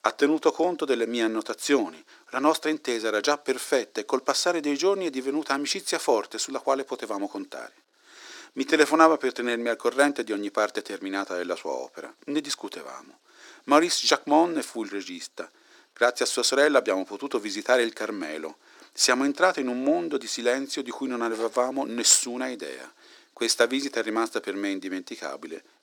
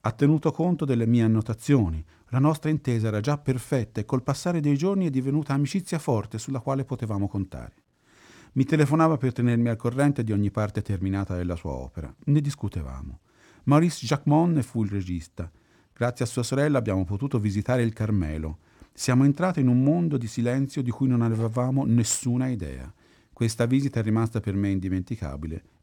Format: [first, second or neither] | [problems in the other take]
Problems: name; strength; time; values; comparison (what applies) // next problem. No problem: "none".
second | thin; very; fading below 350 Hz